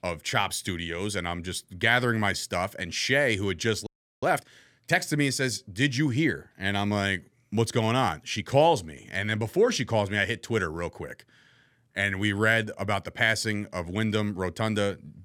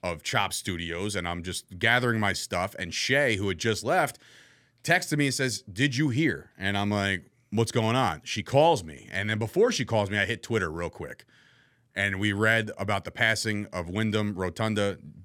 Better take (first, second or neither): second